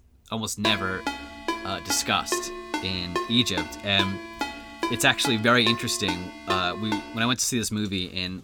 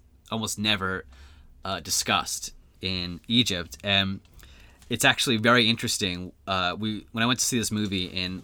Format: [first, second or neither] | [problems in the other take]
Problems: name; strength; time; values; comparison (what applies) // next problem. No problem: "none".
second | phone ringing; noticeable; from 0.5 to 7 s; peak 5 dB below the speech